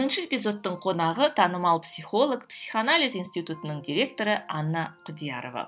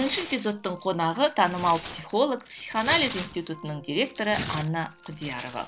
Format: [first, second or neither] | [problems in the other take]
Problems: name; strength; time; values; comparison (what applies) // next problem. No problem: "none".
first | background sound (Tearing); 13 dB below the speech